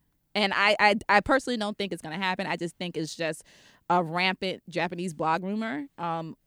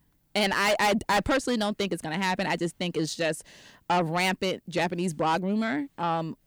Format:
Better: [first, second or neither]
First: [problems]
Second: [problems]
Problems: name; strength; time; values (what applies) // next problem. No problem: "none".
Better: first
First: none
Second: distortion; heavy; 6 dB below the speech